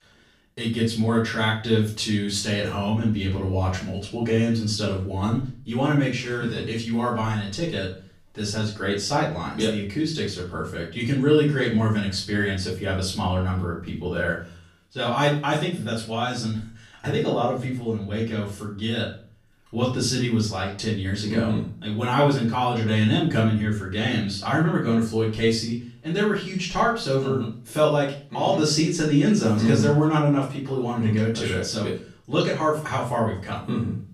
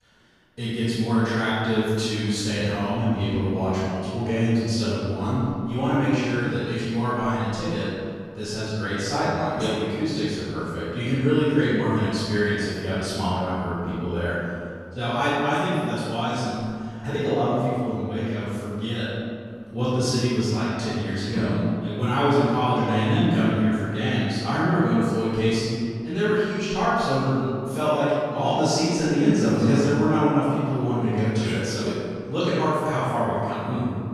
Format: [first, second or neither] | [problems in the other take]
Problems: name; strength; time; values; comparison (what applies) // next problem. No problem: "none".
first | room echo; strong; dies away in 2 s; slight in the first // off-mic speech; far; far in the first